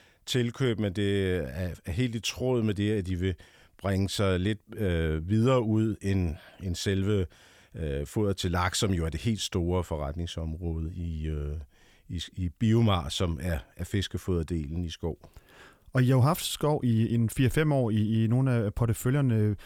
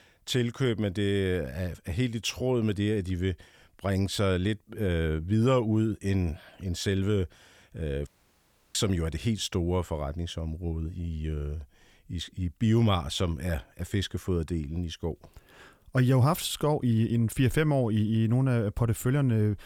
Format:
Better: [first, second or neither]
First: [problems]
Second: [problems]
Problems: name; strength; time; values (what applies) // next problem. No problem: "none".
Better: first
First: none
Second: audio cutting out; at 8 s for 0.5 s